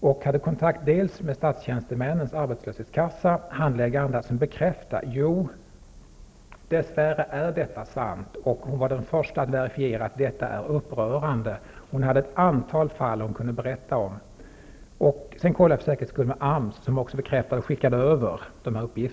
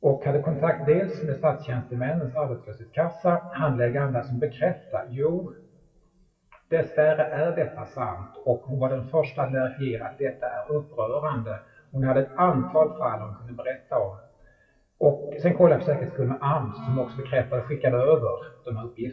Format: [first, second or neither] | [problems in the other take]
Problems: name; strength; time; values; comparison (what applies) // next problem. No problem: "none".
first | noise reduction (classical method WPE with log-MMSE)